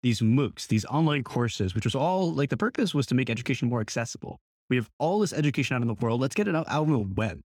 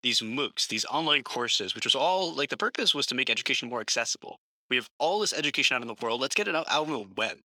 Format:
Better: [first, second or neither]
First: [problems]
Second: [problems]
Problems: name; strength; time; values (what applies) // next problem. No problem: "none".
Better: first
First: none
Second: thin; somewhat; fading below 500 Hz